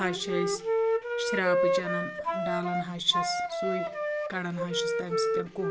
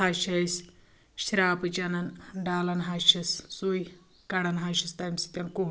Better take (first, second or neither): second